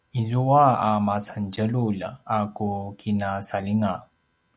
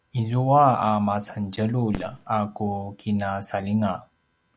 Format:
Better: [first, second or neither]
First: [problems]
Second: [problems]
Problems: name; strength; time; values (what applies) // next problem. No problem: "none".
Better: first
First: none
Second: background sound (Fireworks); 19 dB below the speech